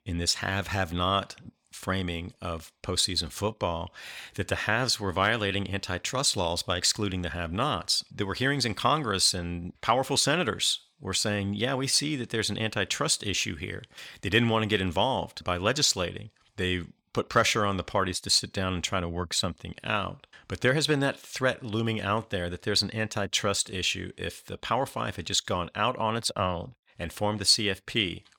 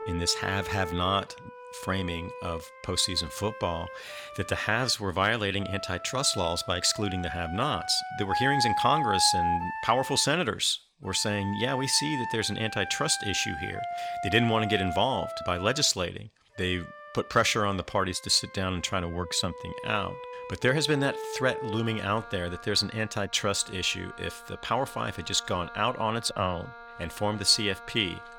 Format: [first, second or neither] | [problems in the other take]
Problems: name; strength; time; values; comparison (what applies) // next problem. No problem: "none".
first | background music; loud; throughout; 9 dB below the speech